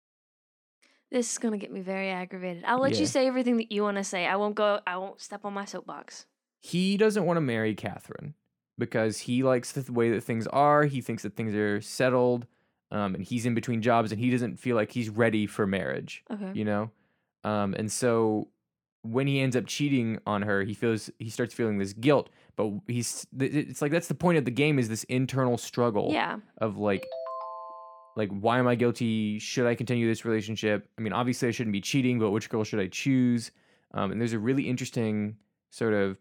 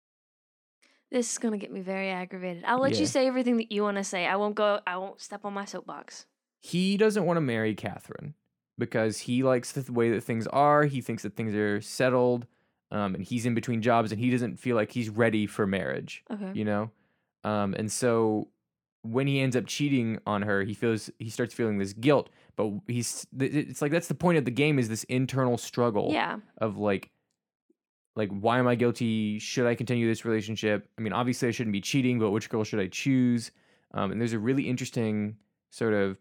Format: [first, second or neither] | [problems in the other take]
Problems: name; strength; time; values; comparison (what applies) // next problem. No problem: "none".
second | phone ringing; noticeable; from 27 to 28 s; peak 8 dB below the speech